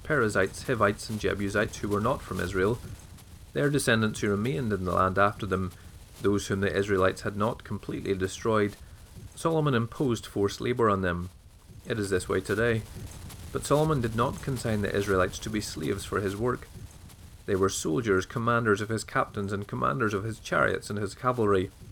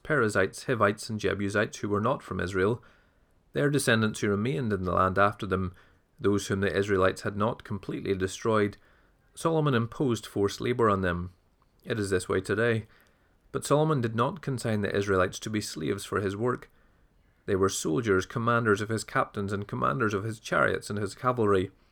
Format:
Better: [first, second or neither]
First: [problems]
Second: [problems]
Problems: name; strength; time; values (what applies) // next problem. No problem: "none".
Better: second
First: wind noise on the microphone; occasional gusts; 25 dB below the speech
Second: none